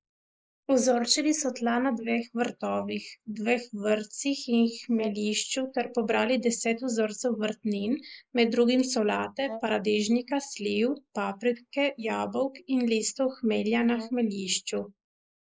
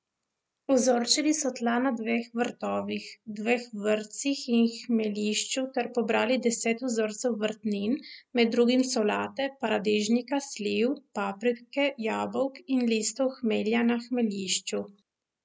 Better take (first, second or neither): second